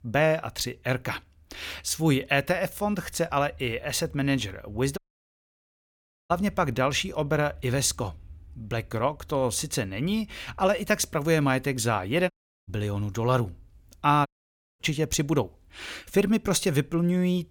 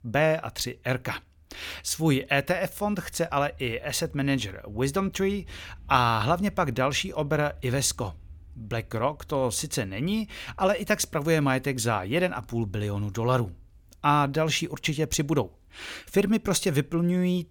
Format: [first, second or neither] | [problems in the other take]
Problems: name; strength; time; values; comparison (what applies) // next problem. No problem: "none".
second | audio cutting out; at 5 s for 1.5 s, at 12 s and at 14 s for 0.5 s